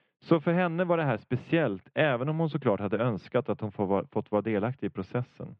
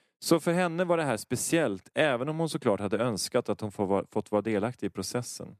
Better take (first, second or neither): second